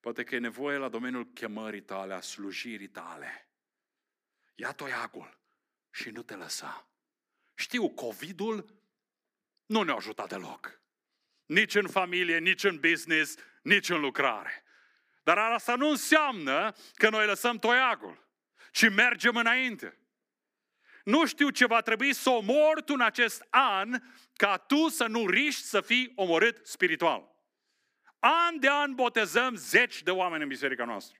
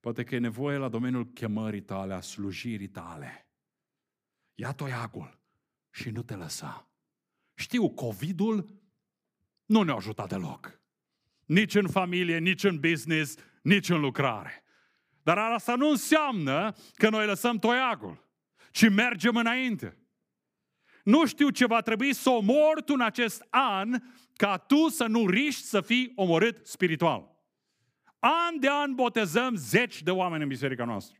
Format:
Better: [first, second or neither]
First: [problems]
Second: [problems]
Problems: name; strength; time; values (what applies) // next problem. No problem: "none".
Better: second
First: thin; somewhat; fading below 300 Hz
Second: none